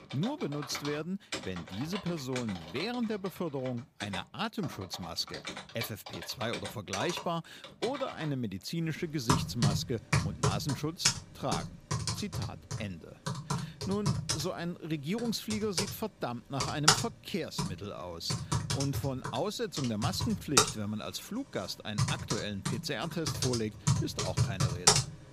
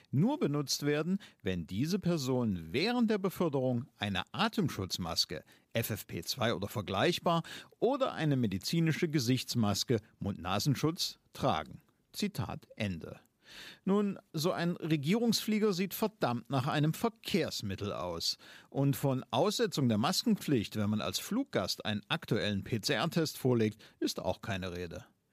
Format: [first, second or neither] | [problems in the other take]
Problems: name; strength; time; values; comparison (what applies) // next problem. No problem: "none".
second | household noises; very loud; throughout; 3 dB above the speech